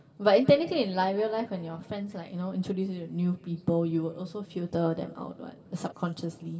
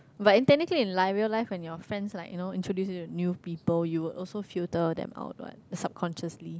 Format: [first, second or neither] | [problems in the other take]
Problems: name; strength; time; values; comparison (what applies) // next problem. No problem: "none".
second | room echo; dies away in 2.8 s